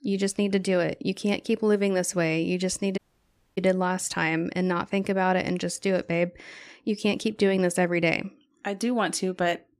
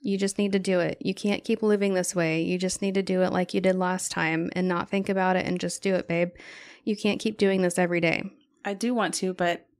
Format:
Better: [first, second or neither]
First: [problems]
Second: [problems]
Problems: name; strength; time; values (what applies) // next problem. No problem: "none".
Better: second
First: audio cutting out; at 3 s for 0.5 s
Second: none